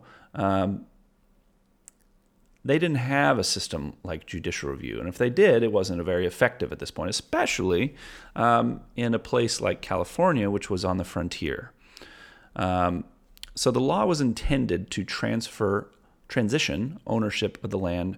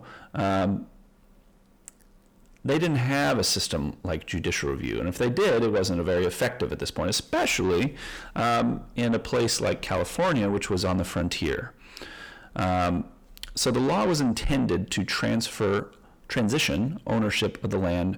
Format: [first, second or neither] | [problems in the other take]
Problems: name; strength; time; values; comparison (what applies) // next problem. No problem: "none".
first | distortion; heavy; 7 dB below the speech